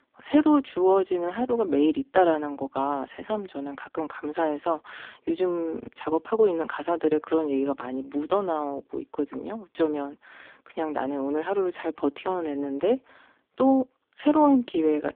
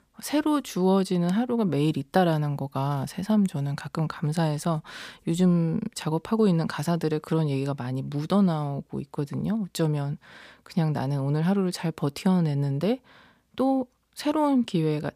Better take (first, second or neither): second